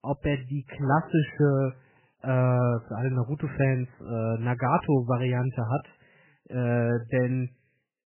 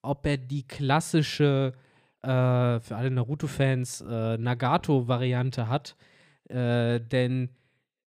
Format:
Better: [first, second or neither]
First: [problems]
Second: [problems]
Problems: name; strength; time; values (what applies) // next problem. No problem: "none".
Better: second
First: garbled, watery; badly; nothing above 3 kHz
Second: none